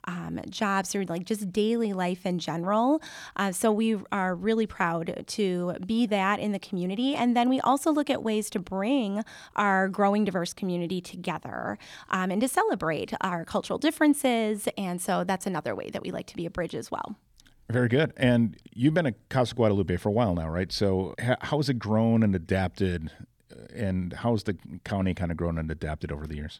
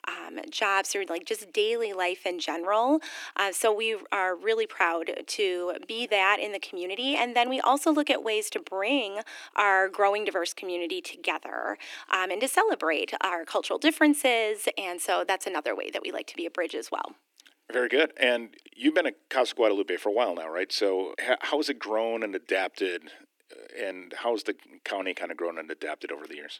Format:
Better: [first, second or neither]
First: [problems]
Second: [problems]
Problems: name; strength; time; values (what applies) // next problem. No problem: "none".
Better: first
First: none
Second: thin; somewhat; fading below 300 Hz